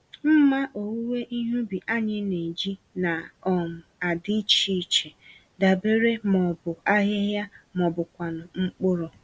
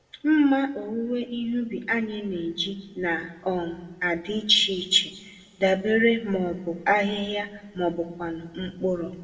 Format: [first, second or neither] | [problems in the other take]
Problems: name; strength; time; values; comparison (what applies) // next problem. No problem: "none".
first | room echo; dies away in 1.1 s